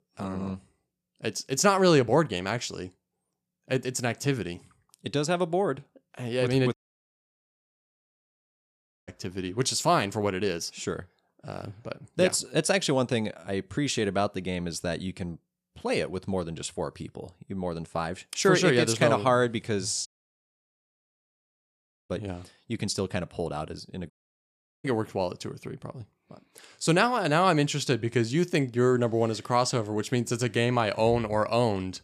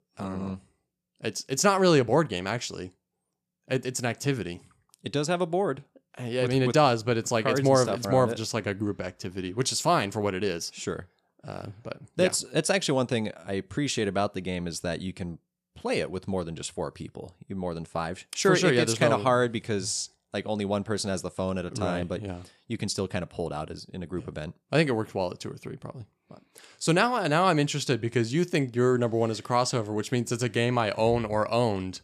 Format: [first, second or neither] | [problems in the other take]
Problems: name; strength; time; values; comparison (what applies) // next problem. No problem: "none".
second | audio cutting out; at 6.5 s for 2.5 s, at 20 s for 2 s and at 24 s for 0.5 s